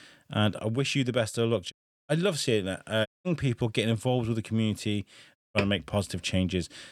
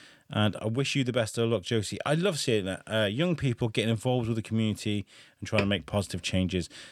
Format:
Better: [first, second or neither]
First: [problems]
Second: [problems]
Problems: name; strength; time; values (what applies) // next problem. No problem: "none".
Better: second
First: audio cutting out; at 1.5 s, at 3 s and at 5.5 s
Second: none